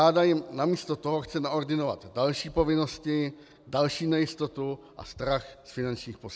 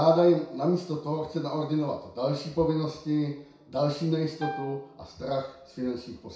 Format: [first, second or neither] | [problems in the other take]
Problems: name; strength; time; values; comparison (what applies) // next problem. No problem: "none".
first | background sound (Piano); 13 dB below the speech // room echo; dies away in 0.6 s